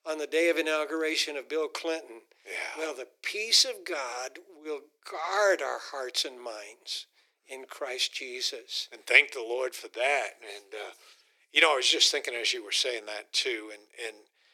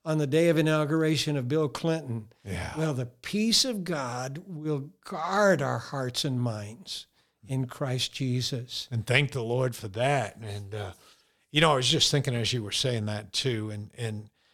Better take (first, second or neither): second